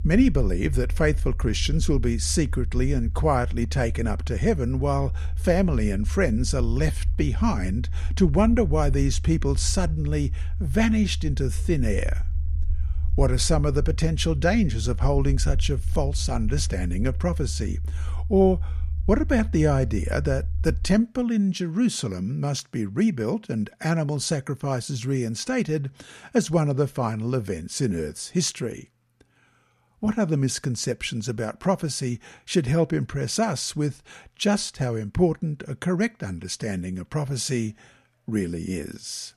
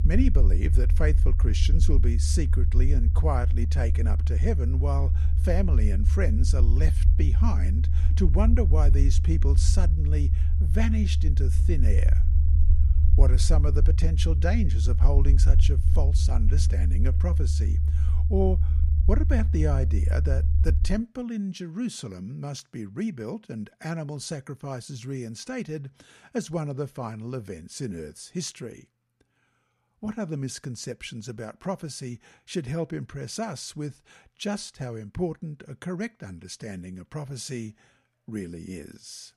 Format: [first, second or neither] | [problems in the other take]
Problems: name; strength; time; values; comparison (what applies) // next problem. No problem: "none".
first | low rumble; loud; until 21 s; 6 dB below the speech; faint in the first